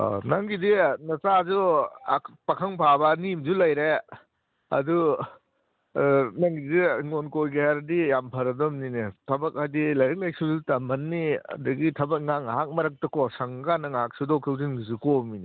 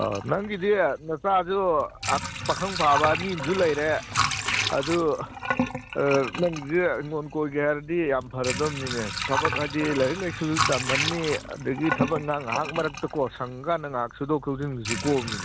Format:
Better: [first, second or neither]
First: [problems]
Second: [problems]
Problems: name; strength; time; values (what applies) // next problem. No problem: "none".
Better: first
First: none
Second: background sound (Sink (filling or washing) / Water); 5 dB below the speech